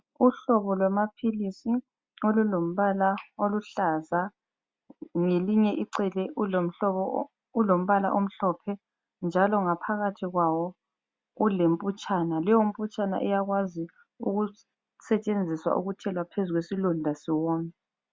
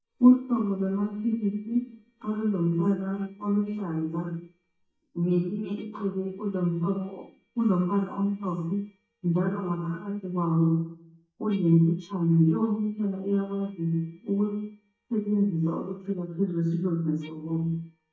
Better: first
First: none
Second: noise reduction (neural mask model DeepFilterNet 3)

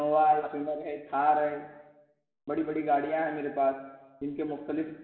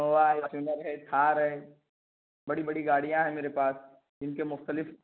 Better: second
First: room echo; dies away in 1 s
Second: none

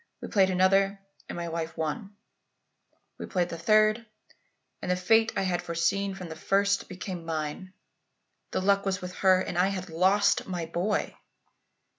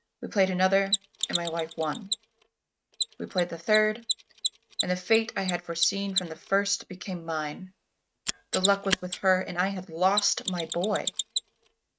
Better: first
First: none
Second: noise reduction (neural mask model RNNoise)

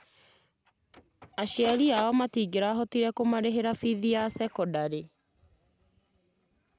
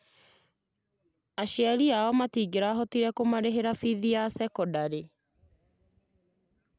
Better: second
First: background sound (Printer); 19 dB below the speech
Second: none

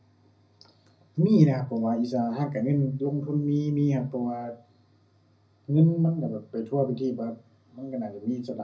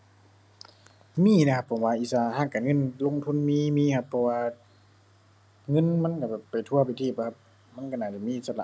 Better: second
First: room echo; dies away in 0.4 s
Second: none

